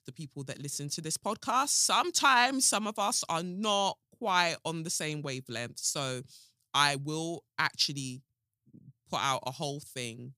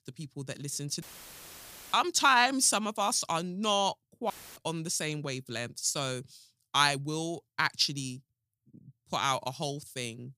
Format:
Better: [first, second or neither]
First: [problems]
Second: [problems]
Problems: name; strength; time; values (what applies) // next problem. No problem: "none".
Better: first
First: none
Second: audio cutting out; filled with static; at 1 s for 1 s and at 4.5 s